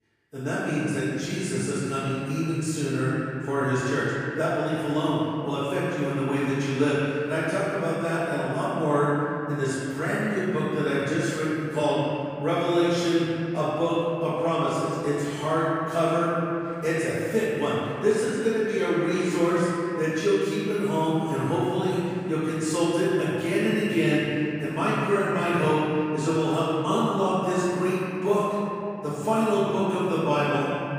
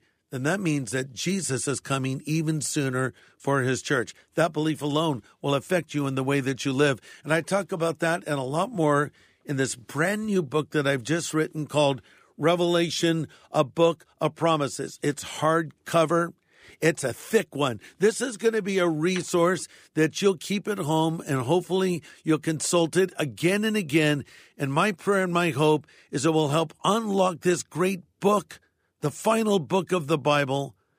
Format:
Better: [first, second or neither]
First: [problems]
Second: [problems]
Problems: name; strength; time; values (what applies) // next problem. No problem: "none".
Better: second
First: room echo; strong; dies away in 2.6 s // off-mic speech; far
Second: none